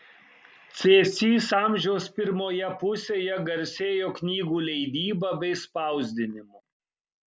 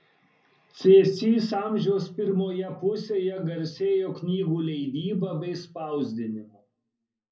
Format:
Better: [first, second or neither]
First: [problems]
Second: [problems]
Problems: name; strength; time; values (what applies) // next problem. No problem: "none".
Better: first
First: none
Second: room echo; dies away in 0.4 s